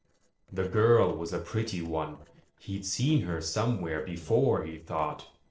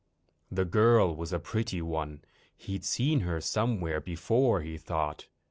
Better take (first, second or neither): second